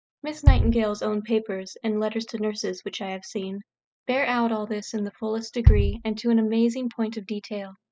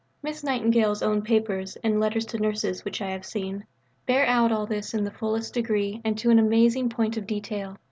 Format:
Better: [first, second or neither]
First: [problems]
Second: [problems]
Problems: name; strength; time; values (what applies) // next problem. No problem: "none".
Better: second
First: noise reduction (classical method spectral subtraction)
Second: none